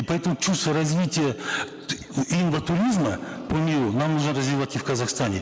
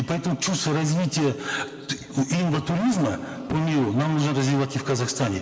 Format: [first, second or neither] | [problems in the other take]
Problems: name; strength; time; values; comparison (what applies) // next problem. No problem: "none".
first | room echo; dies away in 1.2 s